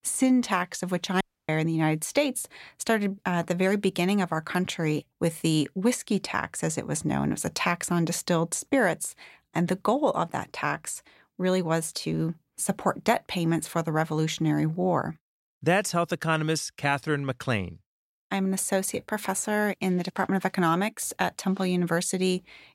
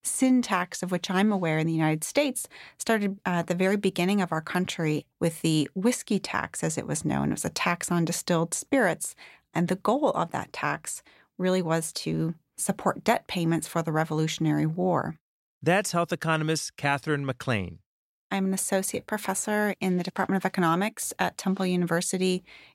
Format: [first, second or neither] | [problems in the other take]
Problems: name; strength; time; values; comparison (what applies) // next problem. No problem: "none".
second | audio cutting out; at 1 s